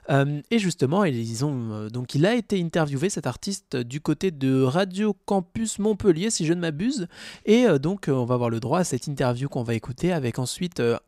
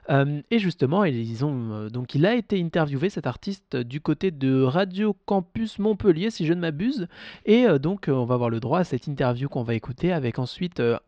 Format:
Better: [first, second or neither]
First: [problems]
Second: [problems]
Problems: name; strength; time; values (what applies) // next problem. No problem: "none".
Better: first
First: none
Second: muffled; slightly; fading above 4 kHz